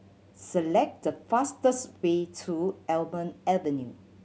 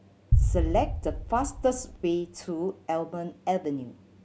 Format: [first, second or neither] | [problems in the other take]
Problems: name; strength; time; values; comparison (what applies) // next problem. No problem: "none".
first | background sound (Boom); 1 dB above the speech